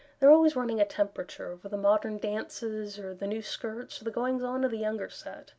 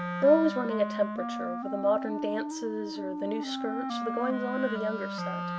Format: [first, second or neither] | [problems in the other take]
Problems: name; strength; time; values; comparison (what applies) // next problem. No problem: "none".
first | background sound (Wind instrument, woodwind instrument); 4 dB below the speech